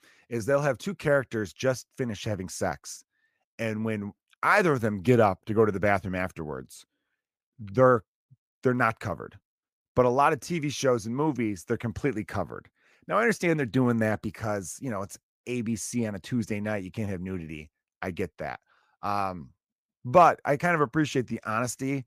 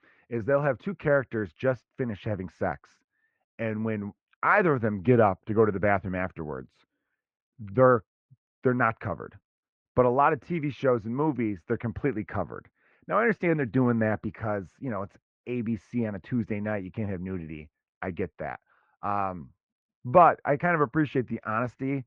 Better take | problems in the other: first | muffled; very; fading above 2 kHz

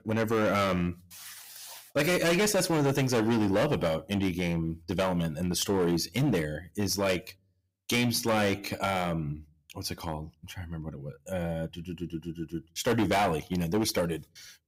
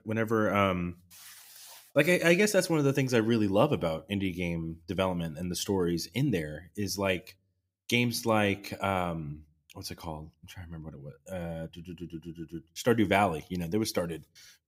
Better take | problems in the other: second | distortion; heavy; 10% of the sound clipped

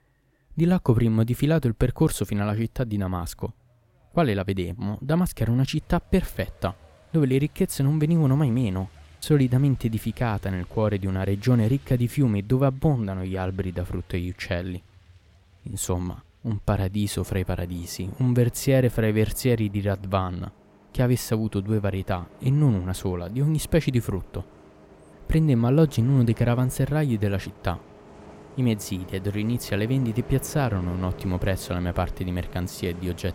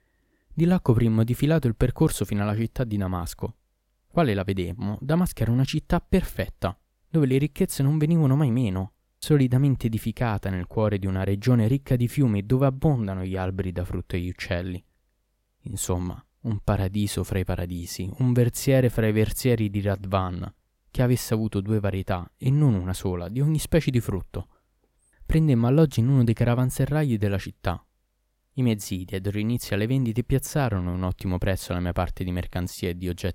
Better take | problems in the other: second | traffic noise; faint; throughout; 25 dB below the speech

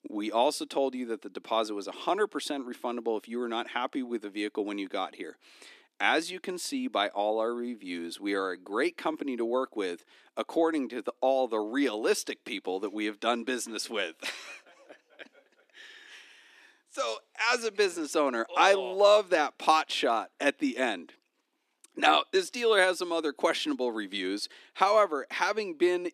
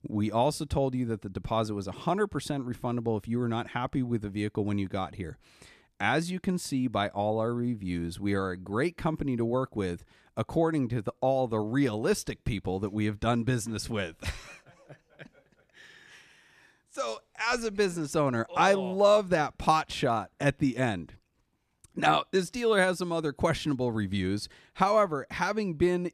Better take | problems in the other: second | thin; somewhat; fading below 250 Hz

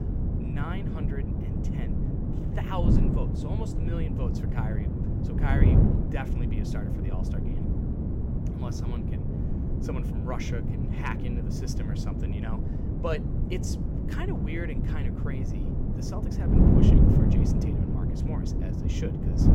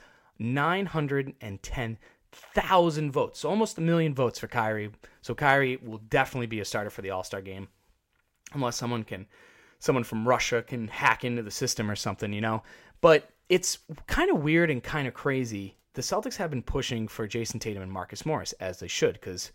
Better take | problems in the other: second | wind noise on the microphone; heavy; 3 dB above the speech

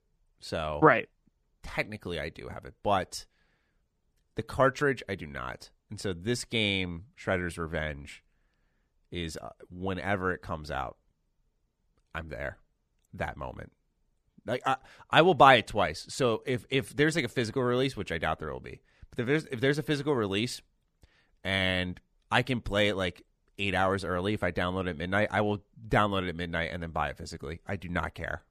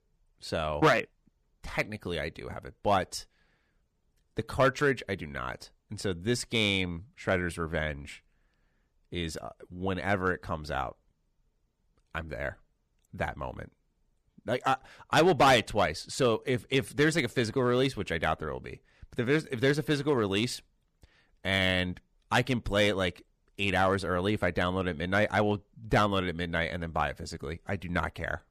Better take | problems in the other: first | distortion; slight; 1.1% of the sound clipped

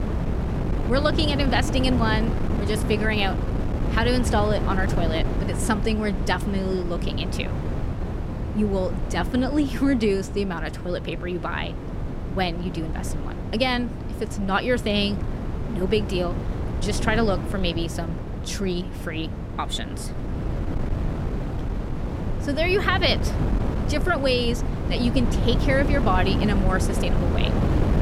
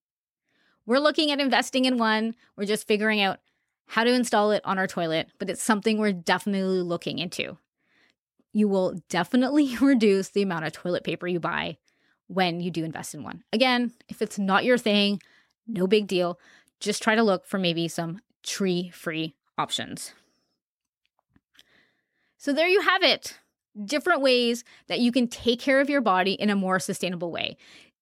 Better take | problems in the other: second | wind noise on the microphone; heavy; 8 dB below the speech

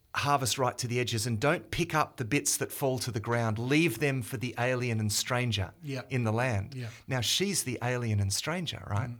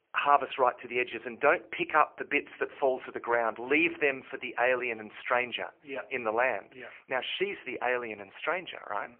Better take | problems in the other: first | phone-call audio; poor line; nothing above 3 kHz

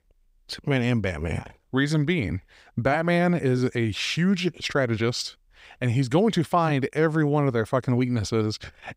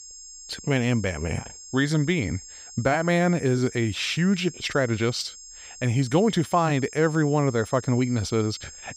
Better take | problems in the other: first | high-pitched whine; noticeable; throughout; 7.5 kHz, 15 dB below the speech

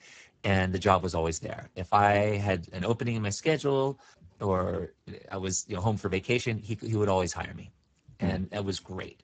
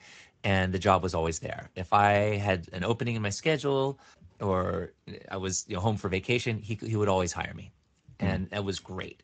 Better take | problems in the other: second | garbled, watery; badly; nothing above 7.5 kHz; slightly in the second

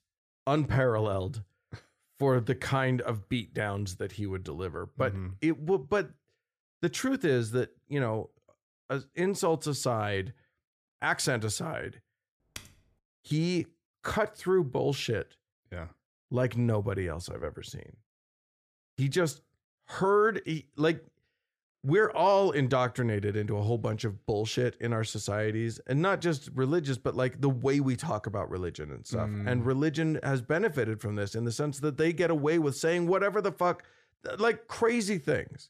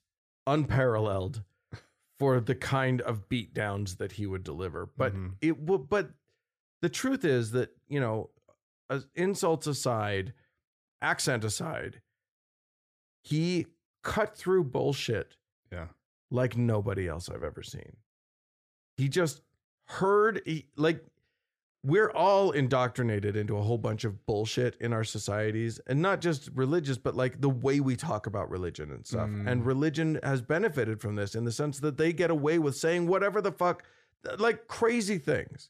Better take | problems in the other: second | keyboard typing; faint; at 13 s; peak 15 dB below the speech

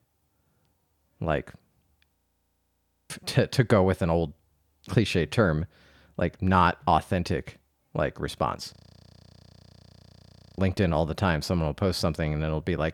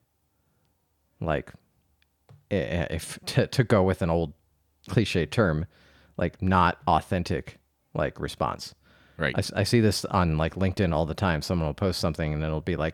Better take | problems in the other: second | audio freezing; at 2 s for 1 s and at 9 s for 2 s

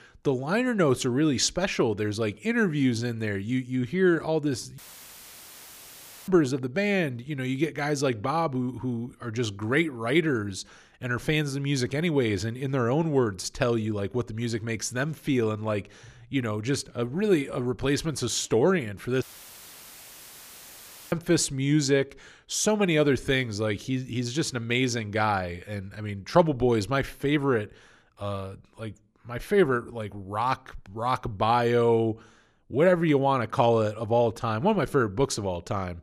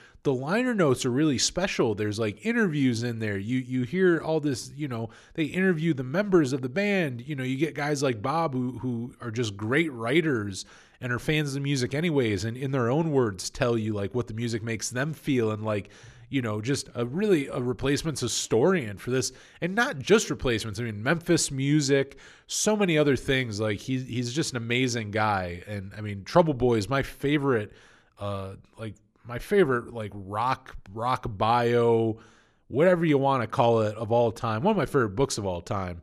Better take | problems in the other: second | audio cutting out; filled with static; at 5 s for 1.5 s and at 19 s for 2 s

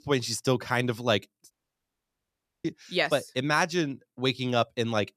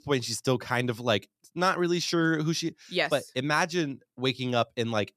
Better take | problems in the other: second | audio cutting out; at 1.5 s for 1 s

